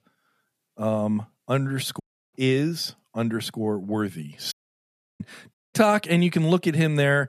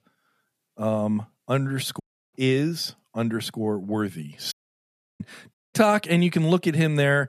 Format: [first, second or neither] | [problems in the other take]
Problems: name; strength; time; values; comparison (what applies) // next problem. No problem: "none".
neither | audio cutting out; at 2 s, at 4.5 s for 0.5 s and at 5.5 s; the same in both